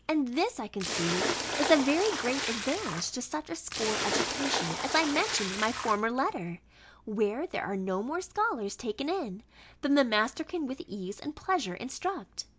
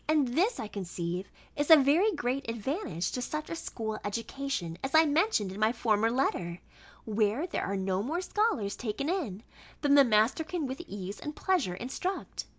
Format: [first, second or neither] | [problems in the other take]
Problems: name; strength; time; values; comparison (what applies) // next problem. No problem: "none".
second | background sound (Splash, splatter); 2 dB below the speech